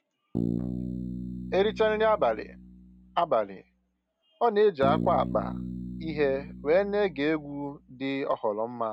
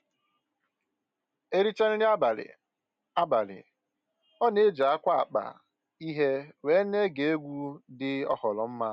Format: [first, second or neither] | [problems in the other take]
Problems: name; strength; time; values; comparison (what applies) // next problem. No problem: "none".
second | background sound (Bass guitar); 8 dB below the speech